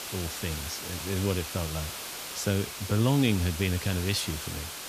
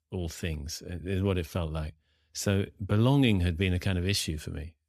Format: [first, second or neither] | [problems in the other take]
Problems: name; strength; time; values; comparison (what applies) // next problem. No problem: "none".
second | hiss; loud; throughout; 6 dB below the speech